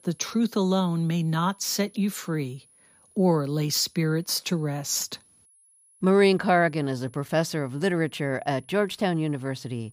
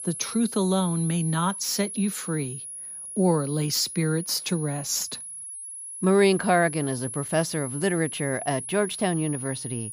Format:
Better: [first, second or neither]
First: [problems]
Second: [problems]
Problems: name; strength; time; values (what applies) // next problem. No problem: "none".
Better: first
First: high-pitched whine; faint; throughout; 10.5 kHz, 30 dB below the speech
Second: high-pitched whine; loud; throughout; 10.5 kHz, 8 dB below the speech